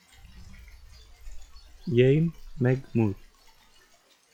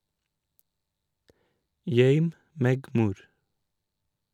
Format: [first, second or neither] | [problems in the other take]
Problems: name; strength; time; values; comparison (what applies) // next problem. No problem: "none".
second | noise reduction (classical method log-MMSE)